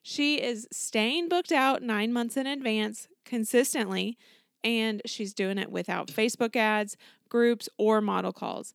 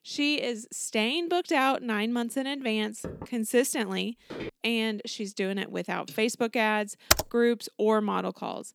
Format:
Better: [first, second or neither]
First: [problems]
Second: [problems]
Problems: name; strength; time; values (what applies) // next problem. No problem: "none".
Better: first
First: none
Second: door banging; faint; at 3 s; peak 15 dB below the speech // footsteps; faint; at 4.5 s; peak 10 dB below the speech // keyboard typing; loud; at 7 s; peak 4 dB above the speech